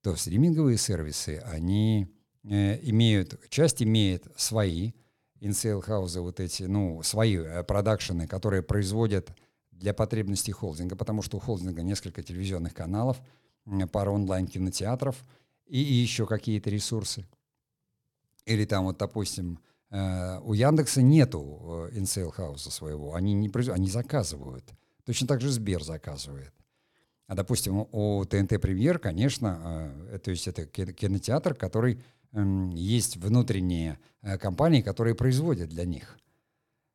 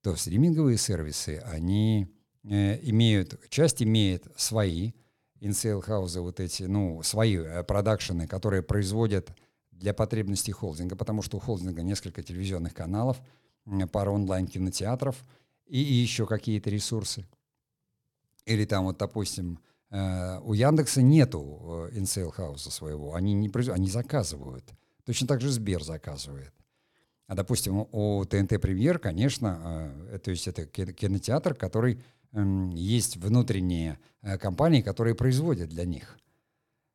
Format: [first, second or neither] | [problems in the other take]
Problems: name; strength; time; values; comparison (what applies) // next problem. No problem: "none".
neither | none